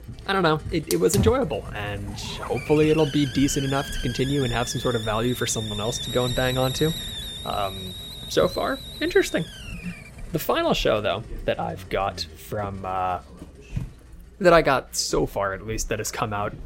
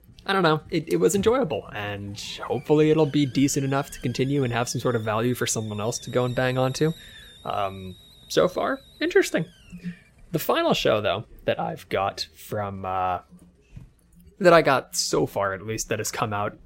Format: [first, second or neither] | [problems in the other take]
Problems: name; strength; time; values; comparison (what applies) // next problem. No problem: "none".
second | hiss; loud; throughout; 9 dB below the speech; faint in the second